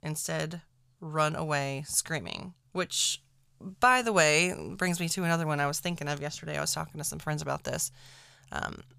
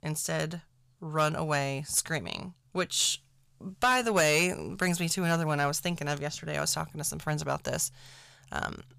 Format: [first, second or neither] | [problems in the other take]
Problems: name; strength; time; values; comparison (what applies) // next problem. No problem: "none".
first | distortion; slight; 1.9% of the sound clipped